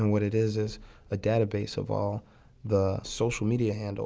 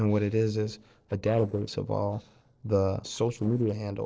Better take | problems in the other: first | noise reduction (neural separator model SepFormer DNS4)

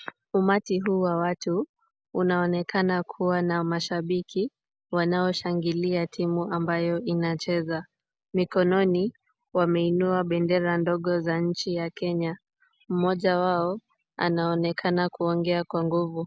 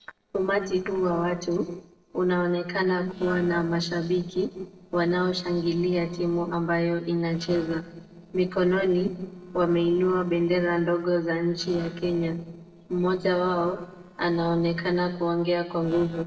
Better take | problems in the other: first | noise reduction (neural separator model SepFormer DNS4)

